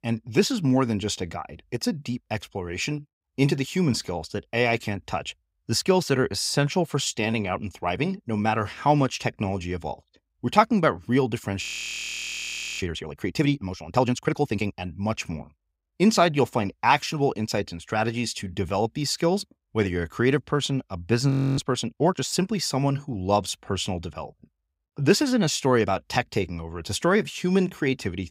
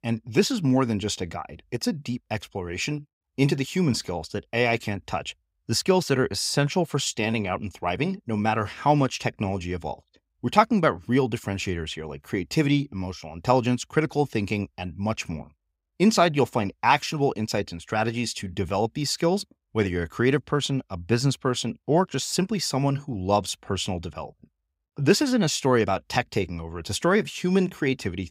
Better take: second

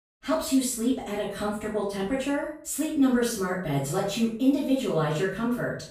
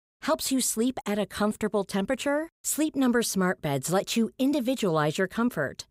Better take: second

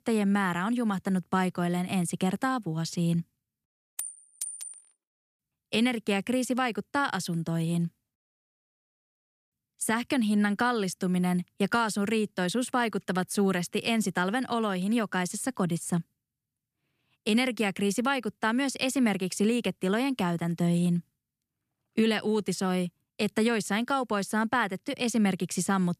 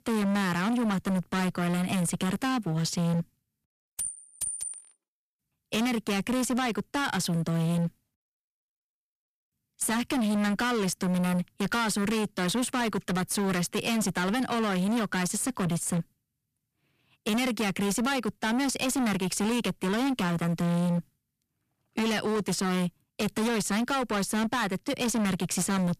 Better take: first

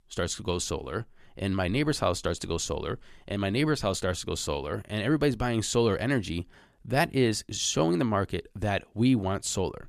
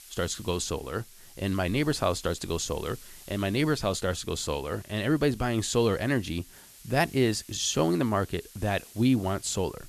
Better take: first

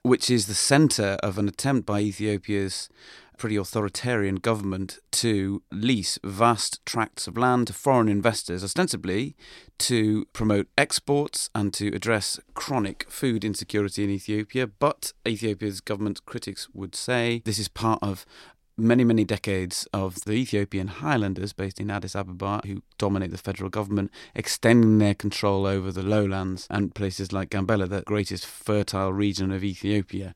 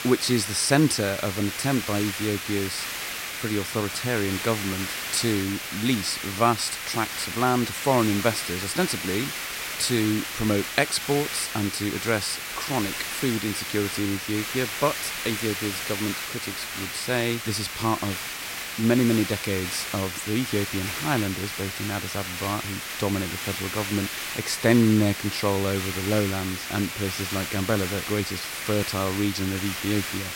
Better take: first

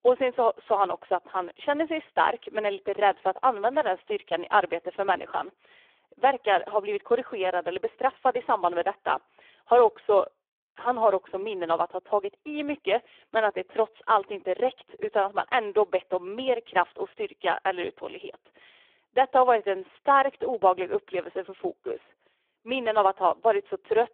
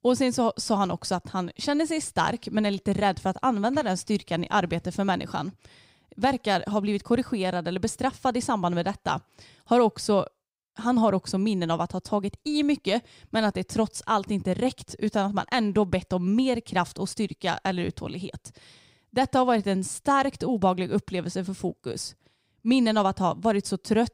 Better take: second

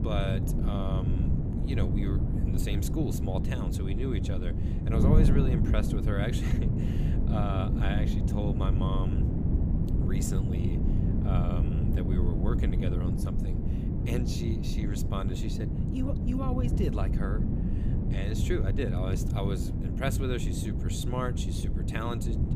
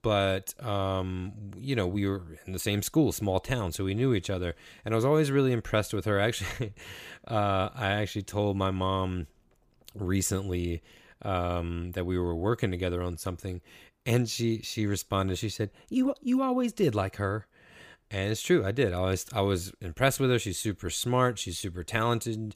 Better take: second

